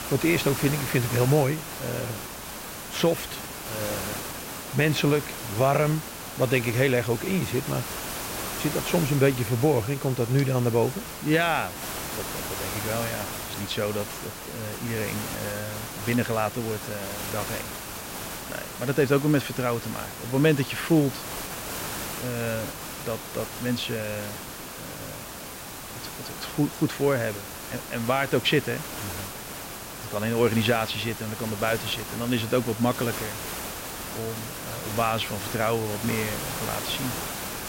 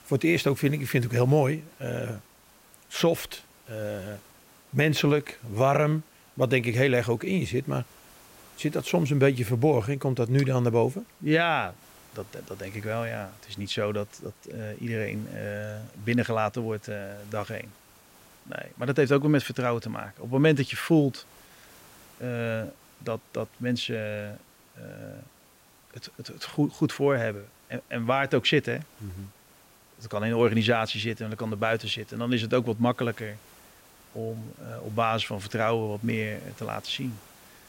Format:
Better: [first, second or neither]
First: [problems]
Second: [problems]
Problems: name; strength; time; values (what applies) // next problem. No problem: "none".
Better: second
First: hiss; loud; throughout; 7 dB below the speech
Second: hiss; faint; throughout; 25 dB below the speech